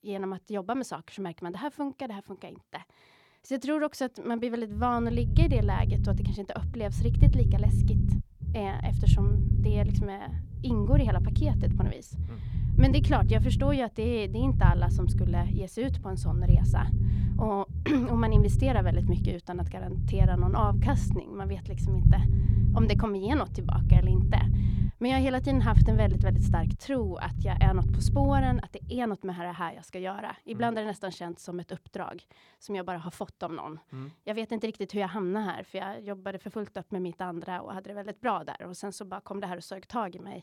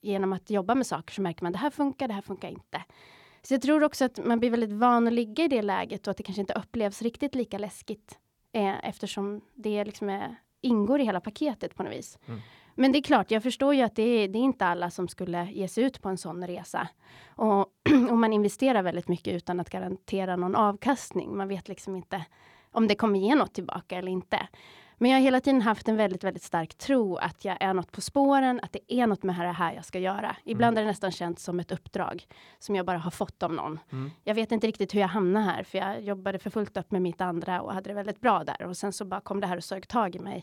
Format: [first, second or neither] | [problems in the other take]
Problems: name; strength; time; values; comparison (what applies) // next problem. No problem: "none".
second | low rumble; loud; from 4.5 to 29 s; 6 dB below the speech